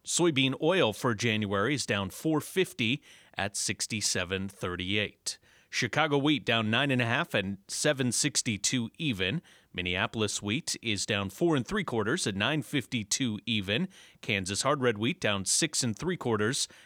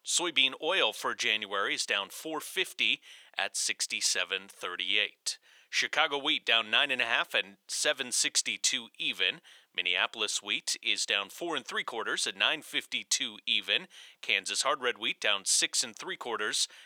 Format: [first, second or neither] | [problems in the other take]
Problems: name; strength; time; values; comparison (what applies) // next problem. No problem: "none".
first | thin; very; fading below 600 Hz